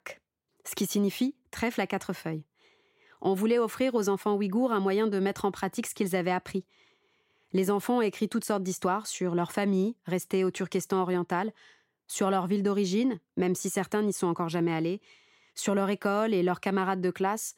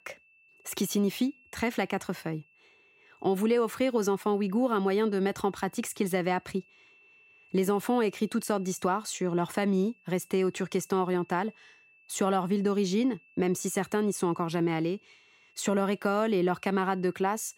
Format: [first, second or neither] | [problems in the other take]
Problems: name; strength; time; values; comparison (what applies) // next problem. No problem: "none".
first | high-pitched whine; faint; throughout; 2.5 kHz, 30 dB below the speech